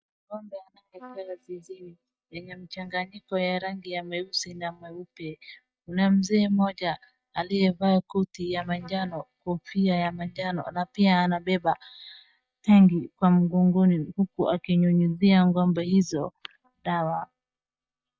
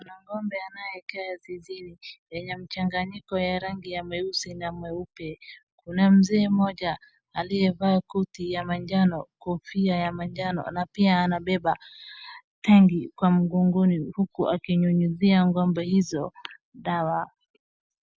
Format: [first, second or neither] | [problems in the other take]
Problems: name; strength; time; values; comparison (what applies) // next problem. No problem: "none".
second | noise reduction (neural mask model DeepFilterNet 3)